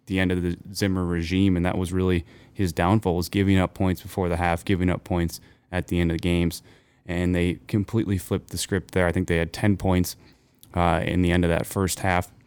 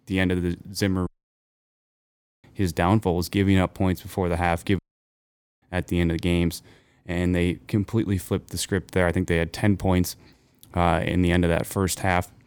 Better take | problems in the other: first | audio cutting out; at 1 s for 1.5 s and at 5 s for 1 s

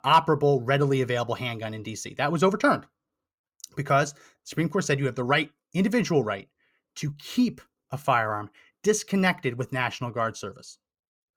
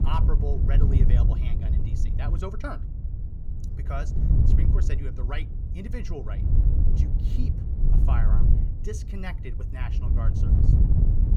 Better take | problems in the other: first | wind noise on the microphone; heavy; 1 dB below the speech

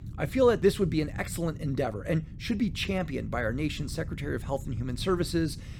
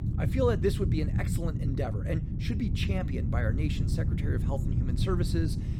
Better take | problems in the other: first | low rumble; loud; throughout; 6 dB below the speech; faint in the first

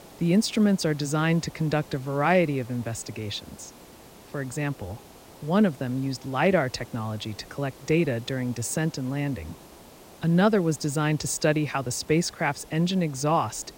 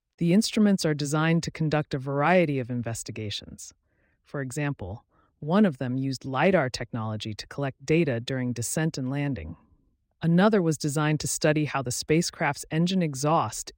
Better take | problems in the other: second | hiss; faint; throughout; 20 dB below the speech

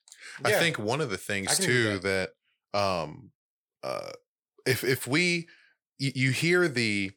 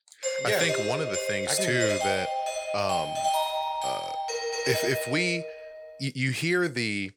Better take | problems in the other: first | doorbell; loud; until 6 s; peak 2 dB above the speech

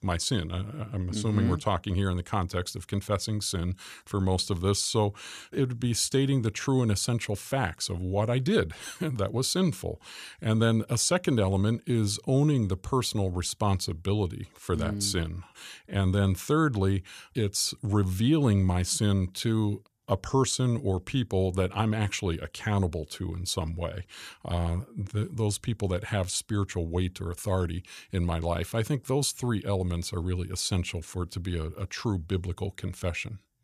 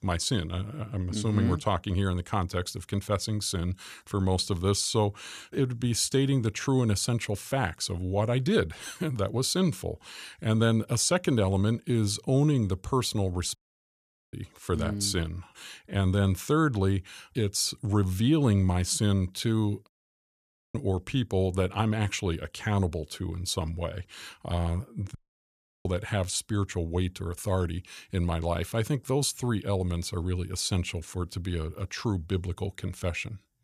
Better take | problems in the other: first | audio cutting out; at 14 s for 1 s, at 20 s for 1 s and at 25 s for 0.5 s

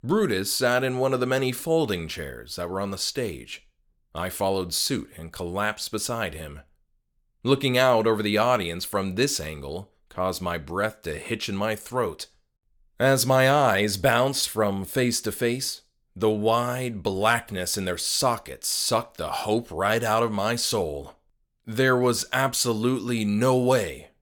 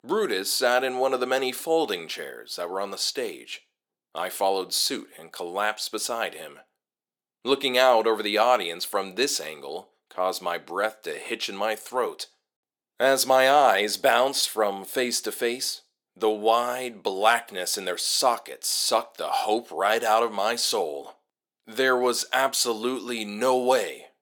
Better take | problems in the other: first | thin; somewhat; fading below 300 Hz

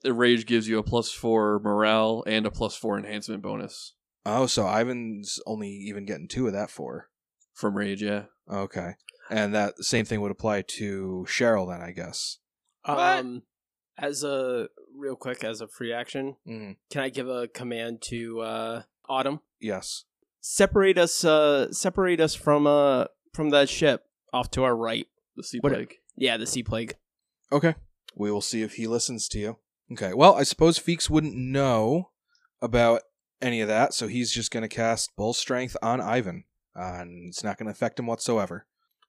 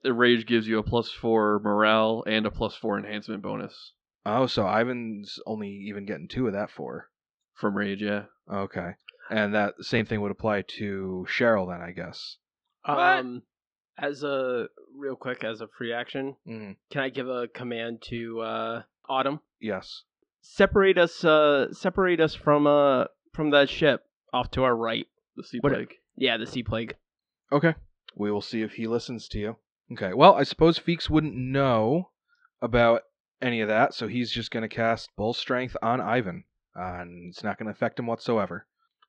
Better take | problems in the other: first | muffled; slightly; fading above 3.5 kHz

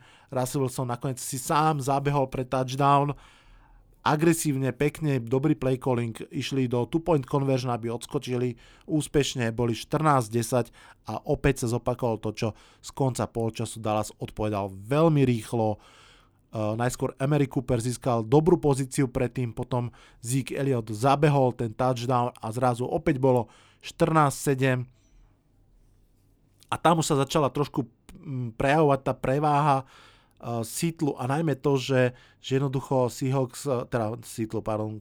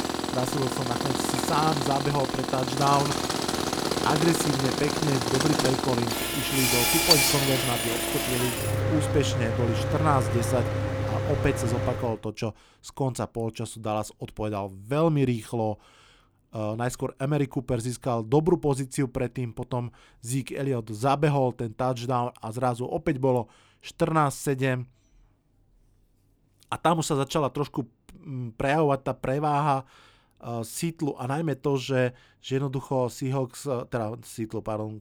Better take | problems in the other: first | machinery noise; very loud; until 12 s; 2 dB above the speech

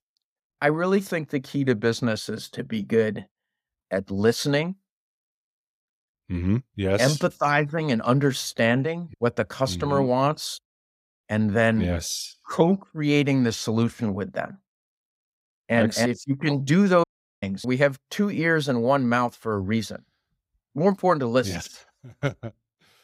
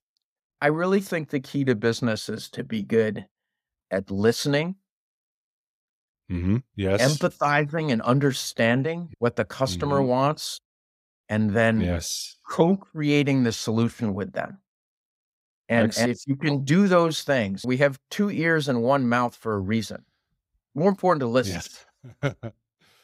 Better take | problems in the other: second | audio cutting out; at 17 s

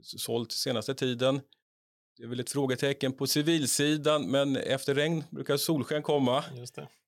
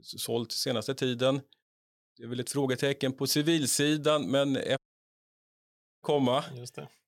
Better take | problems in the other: first | audio cutting out; at 5 s for 1 s

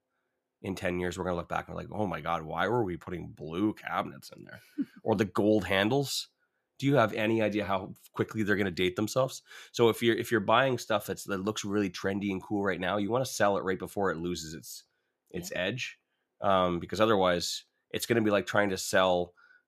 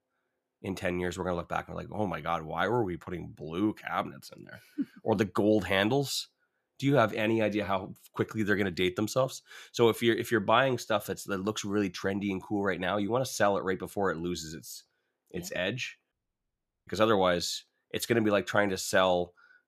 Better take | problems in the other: first | audio cutting out; at 16 s for 1 s

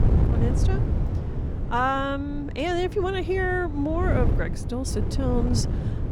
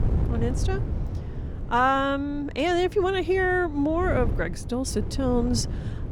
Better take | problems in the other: second | wind noise on the microphone; heavy; 10 dB below the speech; occasional gusts in the second

